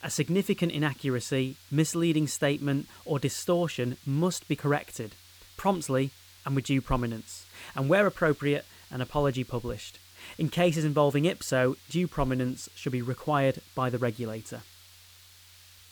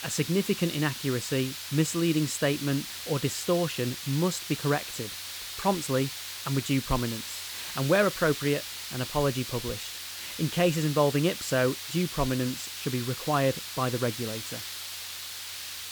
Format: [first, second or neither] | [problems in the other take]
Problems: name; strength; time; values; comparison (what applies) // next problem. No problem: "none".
first | hiss; loud; throughout; 7 dB below the speech; faint in the first